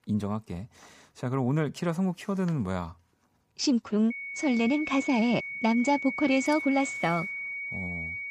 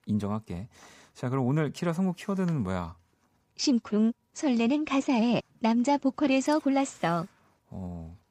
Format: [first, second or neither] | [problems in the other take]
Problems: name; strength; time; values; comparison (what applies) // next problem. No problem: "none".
second | high-pitched whine; loud; from 4 s on; 2 kHz, 6 dB below the speech